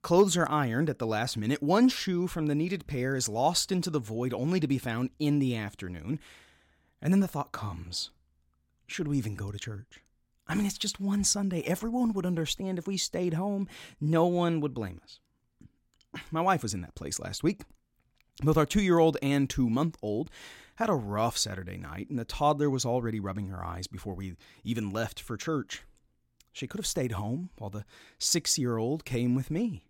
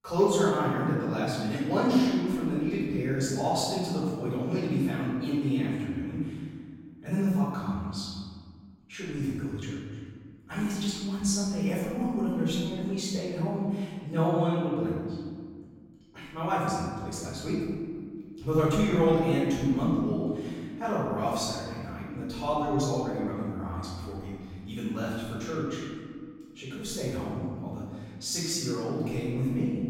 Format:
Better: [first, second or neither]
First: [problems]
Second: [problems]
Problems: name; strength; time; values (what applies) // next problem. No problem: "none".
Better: first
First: none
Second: room echo; strong; dies away in 1.9 s // off-mic speech; far